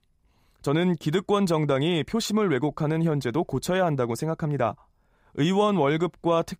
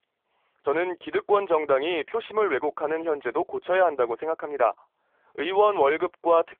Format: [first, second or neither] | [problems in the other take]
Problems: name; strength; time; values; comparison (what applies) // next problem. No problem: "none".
first | phone-call audio; poor line; nothing above 3.5 kHz